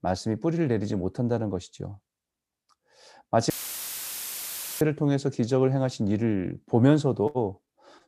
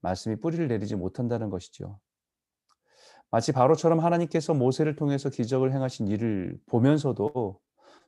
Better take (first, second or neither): second